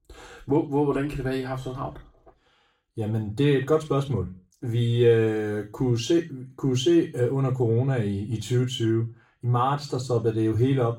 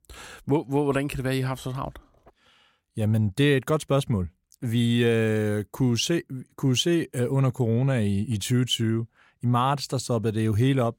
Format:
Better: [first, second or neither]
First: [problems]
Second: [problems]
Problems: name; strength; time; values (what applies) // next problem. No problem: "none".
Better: second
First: room echo; slight; dies away in 0.3 s // off-mic speech; far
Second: none